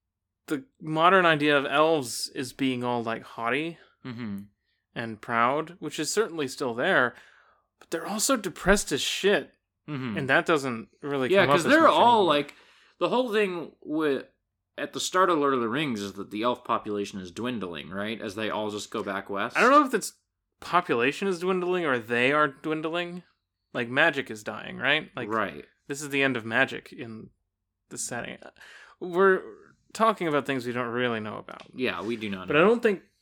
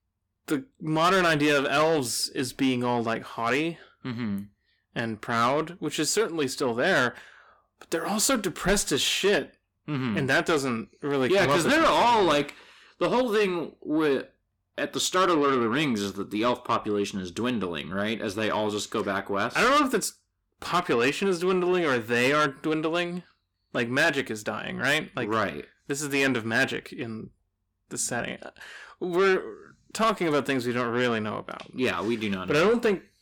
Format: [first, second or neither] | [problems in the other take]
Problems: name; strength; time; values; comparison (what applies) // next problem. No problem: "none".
first | distortion; heavy; 8 dB below the speech